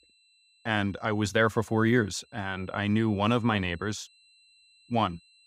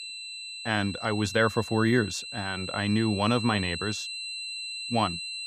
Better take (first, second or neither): first